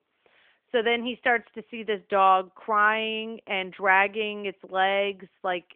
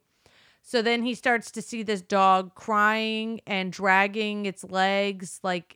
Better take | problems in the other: second | phone-call audio; nothing above 3 kHz

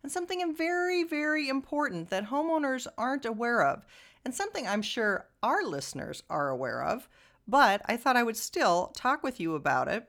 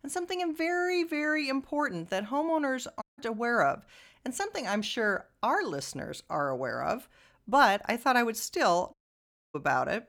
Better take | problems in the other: first | audio cutting out; at 3 s and at 9 s for 0.5 s

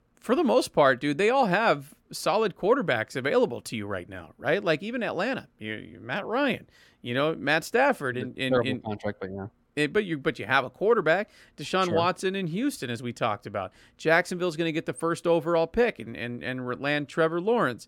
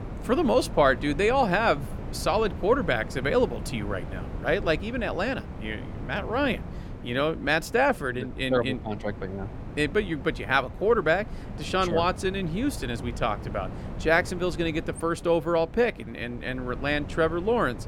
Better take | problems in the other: first | wind noise on the microphone; occasional gusts; 20 dB below the speech

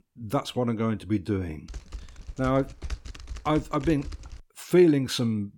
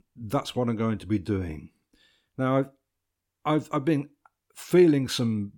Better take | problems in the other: second | keyboard typing; faint; from 1.5 to 4.5 s; peak 15 dB below the speech

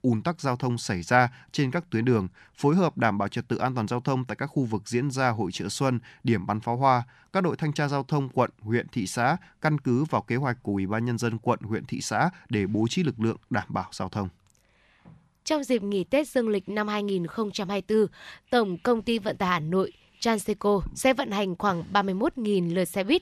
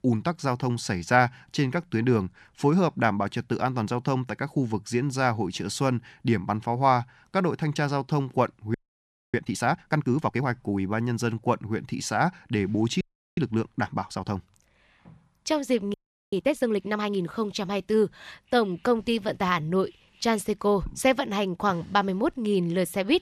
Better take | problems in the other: first | audio freezing; at 8.5 s for 0.5 s, at 13 s and at 16 s

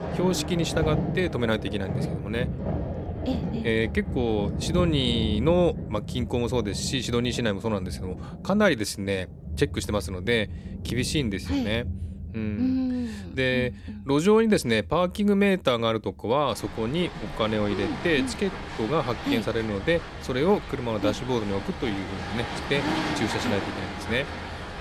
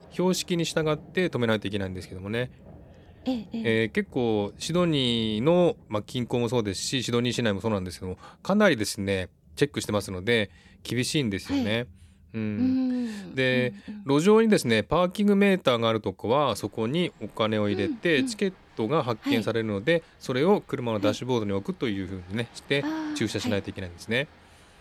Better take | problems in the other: second | rain or running water; loud; throughout; 7 dB below the speech; faint in the second

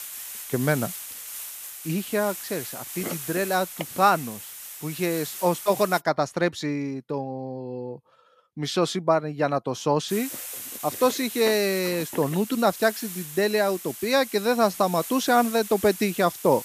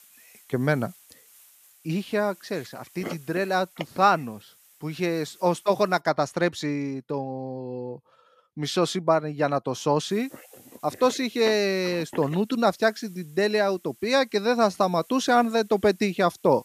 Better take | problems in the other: second | hiss; loud; until 6 s and from 10 s on; 10 dB below the speech; faint in the second

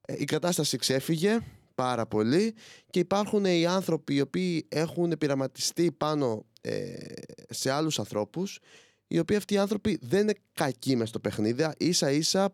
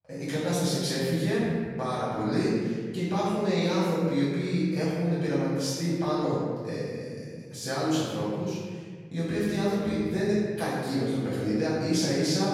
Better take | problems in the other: first | room echo; strong; dies away in 1.8 s // off-mic speech; far

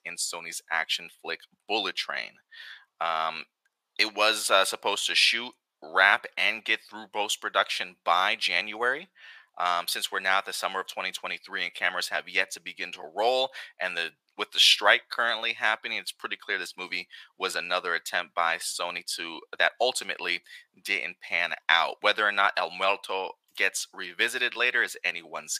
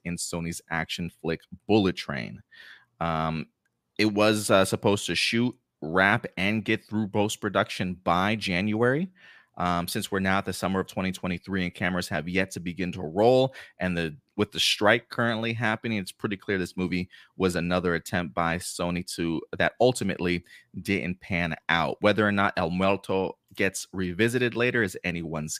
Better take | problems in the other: second | thin; very; fading below 850 Hz

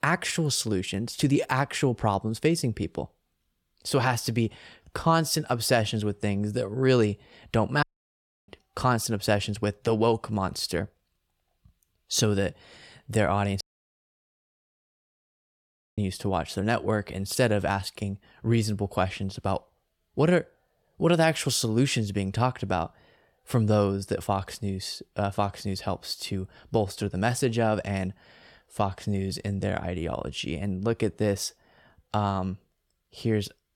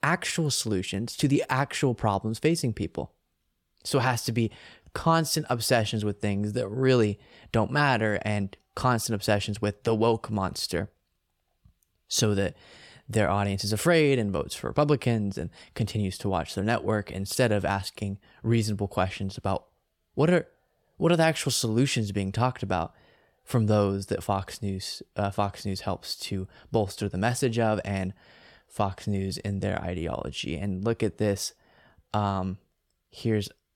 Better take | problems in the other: second | audio cutting out; at 8 s for 0.5 s and at 14 s for 2.5 s

